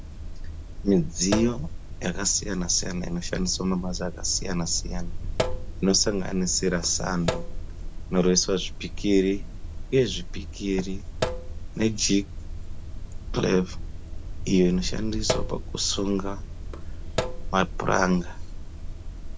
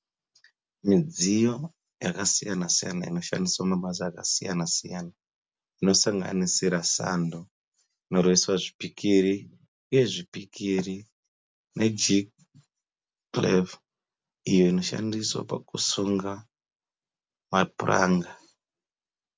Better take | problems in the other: second | background sound (Sink (filling or washing)); 4 dB below the speech

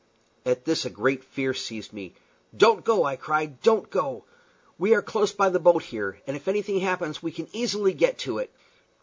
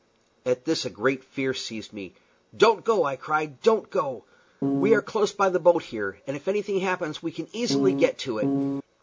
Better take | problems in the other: first | background sound (Piano); 1 dB above the speech

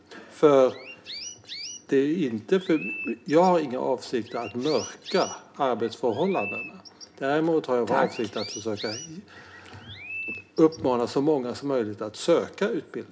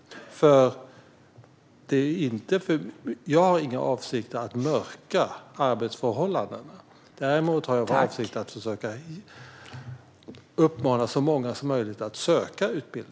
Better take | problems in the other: second | background sound (Chirp, tweet); 15 dB below the speech // room echo; dies away in 0.3 s

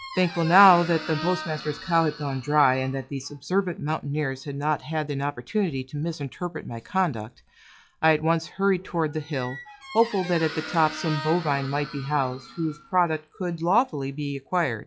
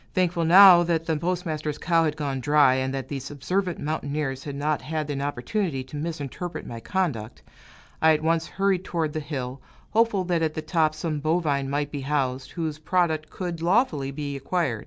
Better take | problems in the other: second | noise reduction (classical method log-MMSE)

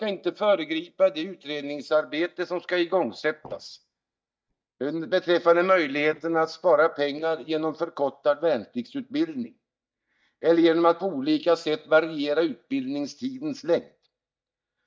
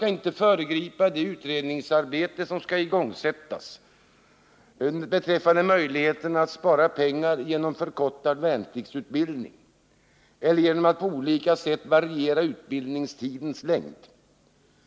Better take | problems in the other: second | noise reduction (neural mask model DeepFilterNet 3)

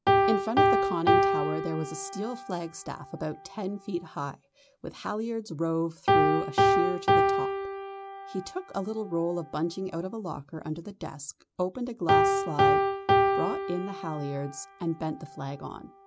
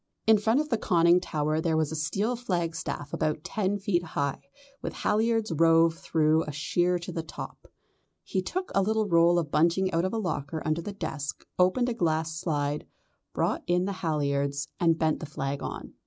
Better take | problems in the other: second | background sound (Piano); 5 dB above the speech

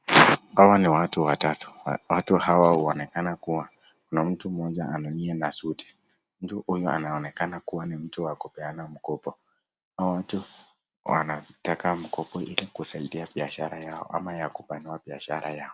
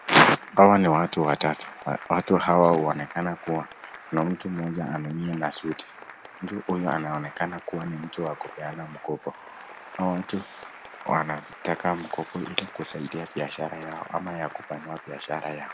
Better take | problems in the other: first | background sound (Applause / Cheering); 18 dB below the speech

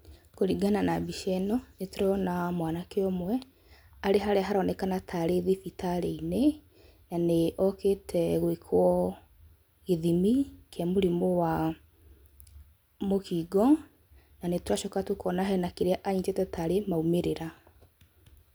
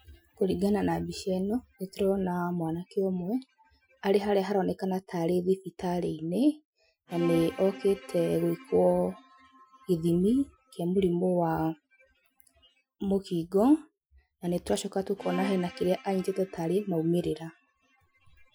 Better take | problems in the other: first | noise reduction (classical method Wiener filter)

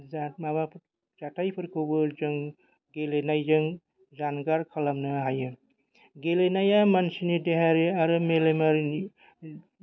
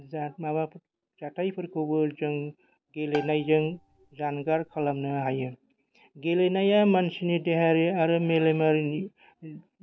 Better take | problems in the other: first | background sound (Bowed string instrument); 17 dB below the speech

